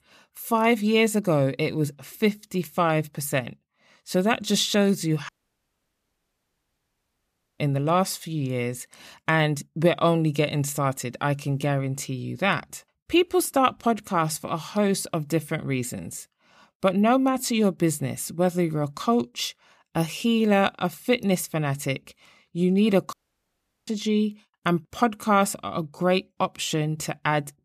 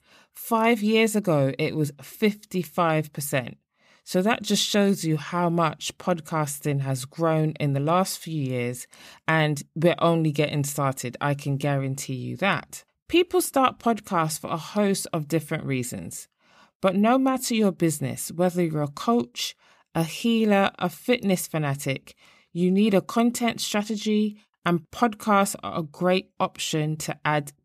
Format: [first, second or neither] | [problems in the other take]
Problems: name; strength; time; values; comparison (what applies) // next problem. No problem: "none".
second | audio cutting out; at 5.5 s for 2.5 s and at 23 s for 0.5 s